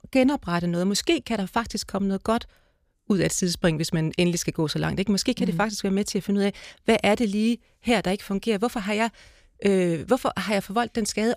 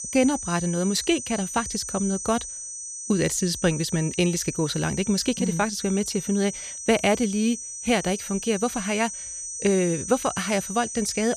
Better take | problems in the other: first | high-pitched whine; loud; throughout; 6 kHz, 7 dB below the speech

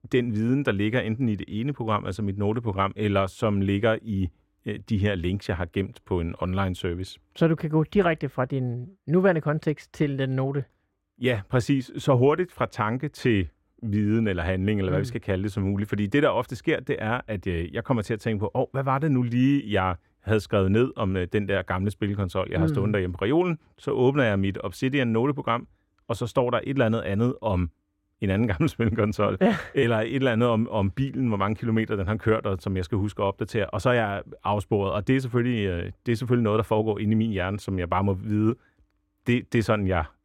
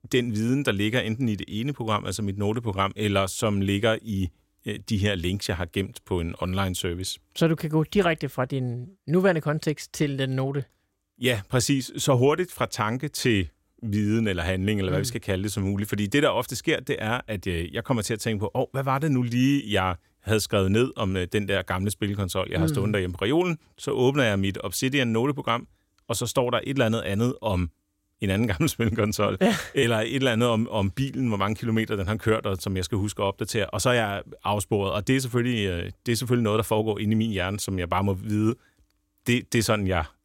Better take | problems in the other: second | muffled; slightly; fading above 3.5 kHz

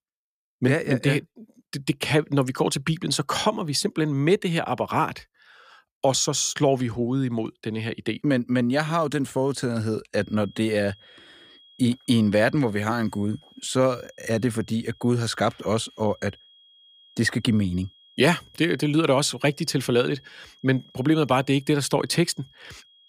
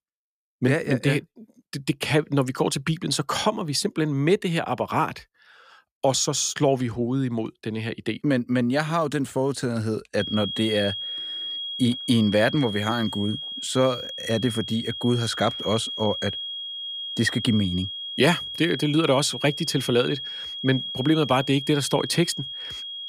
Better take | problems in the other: first | high-pitched whine; loud; from 10 s on; 3.5 kHz, 6 dB below the speech; faint in the first

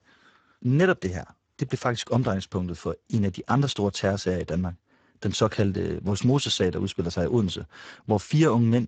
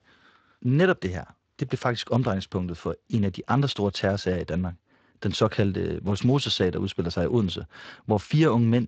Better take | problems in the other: second | garbled, watery; badly; nothing above 7.5 kHz; slightly in the second

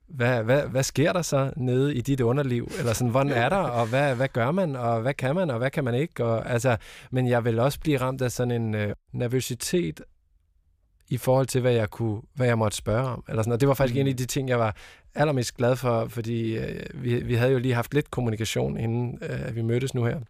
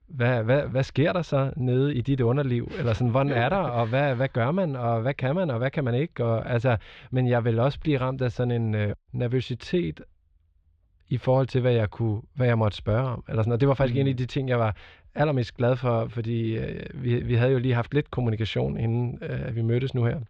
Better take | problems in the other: first | muffled; slightly; fading above 3.5 kHz

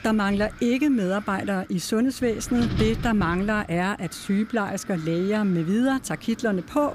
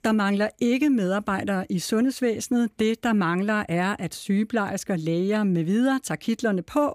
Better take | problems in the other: second | wind noise on the microphone; occasional gusts; 15 dB below the speech

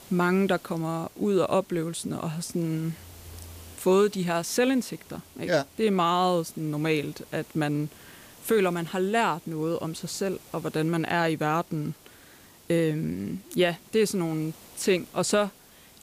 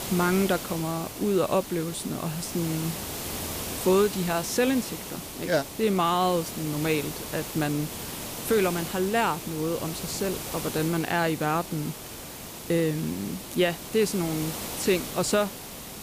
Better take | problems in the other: first | hiss; loud; throughout; 8 dB below the speech; faint in the first

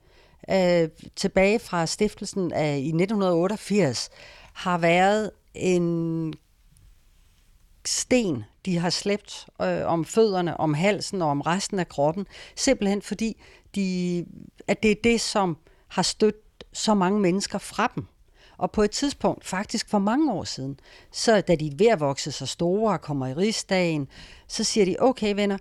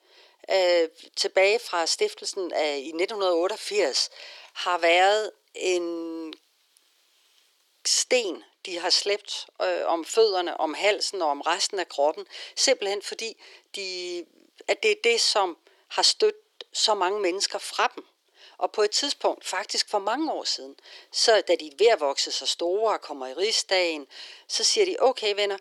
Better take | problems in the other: first | thin; very; fading below 350 Hz

